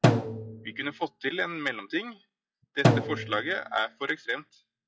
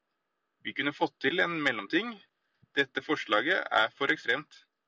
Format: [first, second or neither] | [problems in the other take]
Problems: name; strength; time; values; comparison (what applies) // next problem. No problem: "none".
second | noise reduction (classical method log-MMSE)